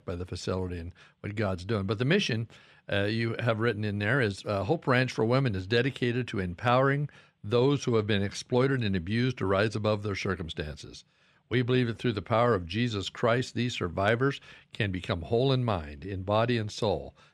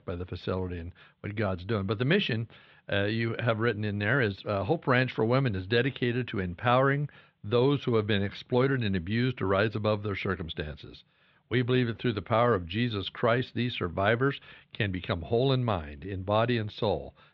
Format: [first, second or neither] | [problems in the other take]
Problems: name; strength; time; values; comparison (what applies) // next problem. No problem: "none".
first | muffled; very slightly; fading above 4 kHz